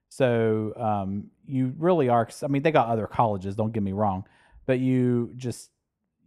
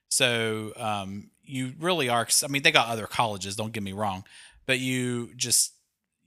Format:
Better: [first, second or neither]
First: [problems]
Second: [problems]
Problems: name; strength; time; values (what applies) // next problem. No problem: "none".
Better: second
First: muffled; very; fading above 2 kHz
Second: none